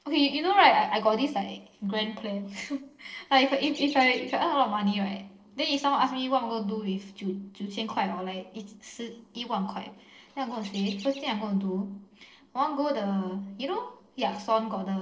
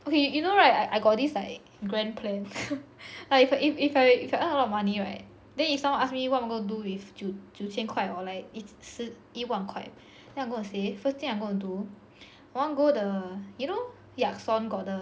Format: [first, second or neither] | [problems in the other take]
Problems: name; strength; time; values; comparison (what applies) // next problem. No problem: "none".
second | noise reduction (neural separator model SepFormer DNS4)